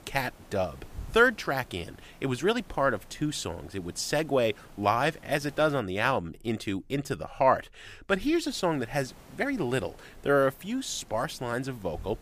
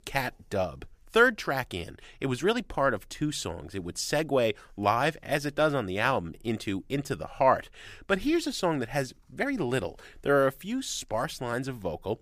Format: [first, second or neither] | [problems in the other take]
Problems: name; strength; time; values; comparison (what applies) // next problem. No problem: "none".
second | hiss; faint; until 6 s and from 8.5 s on; 25 dB below the speech